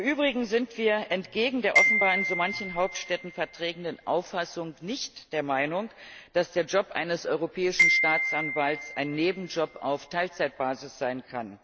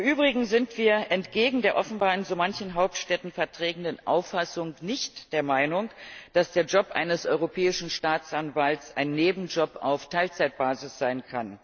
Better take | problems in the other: second | background sound (Glockenspiel); 1 dB below the speech

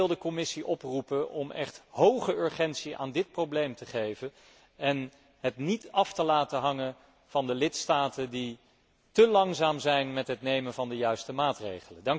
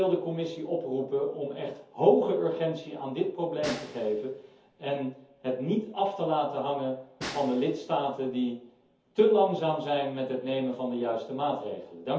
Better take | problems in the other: first | background sound (Snare drum); 17 dB below the speech // room echo; dies away in 0.5 s

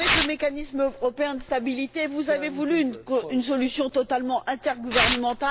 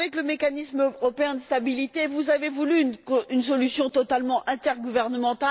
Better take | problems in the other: second | background sound (Tearing); 6 dB below the speech

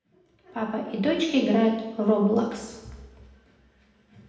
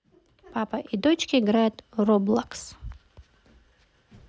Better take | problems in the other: second | room echo; dies away in 0.9 s

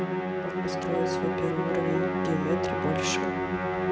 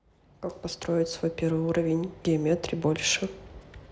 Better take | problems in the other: second | background sound (Musical instrument); 5 dB above the speech

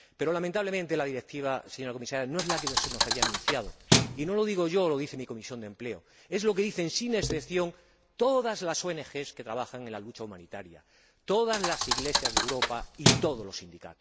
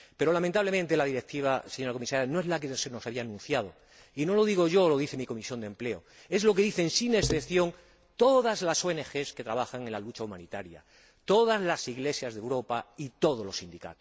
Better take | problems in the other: second | background sound (Thump, thud); 4 dB above the speech

